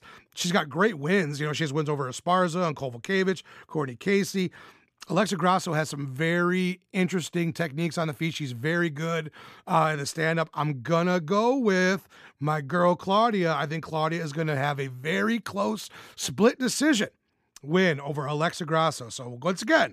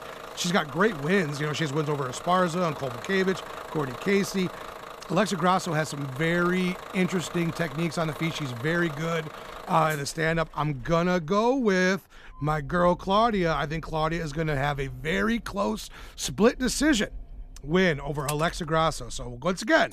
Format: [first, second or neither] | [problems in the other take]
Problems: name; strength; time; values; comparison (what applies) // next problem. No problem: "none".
first | traffic noise; noticeable; throughout; 15 dB below the speech